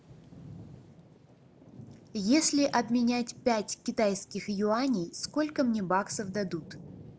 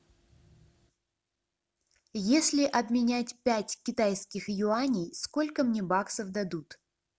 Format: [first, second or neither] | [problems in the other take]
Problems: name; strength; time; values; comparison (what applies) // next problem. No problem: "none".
second | background sound (Thunder / Rain); 20 dB below the speech